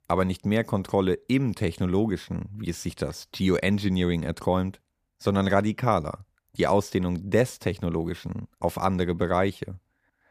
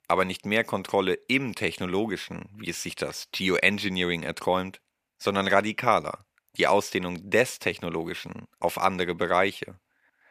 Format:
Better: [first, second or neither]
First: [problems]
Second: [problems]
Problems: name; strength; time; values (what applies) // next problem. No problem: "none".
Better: first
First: none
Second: thin; somewhat; fading below 550 Hz